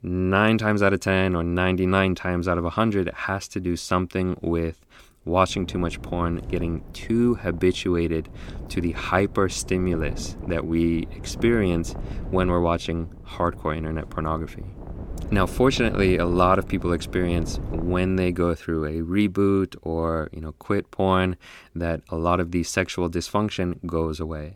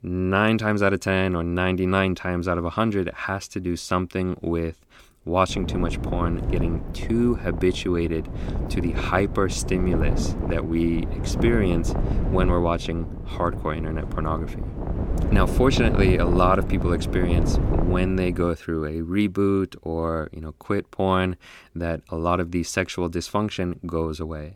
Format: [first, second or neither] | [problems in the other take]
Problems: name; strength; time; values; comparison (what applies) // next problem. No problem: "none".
first | wind noise on the microphone; heavy; from 5.5 to 18 s; 9 dB below the speech; occasional gusts in the first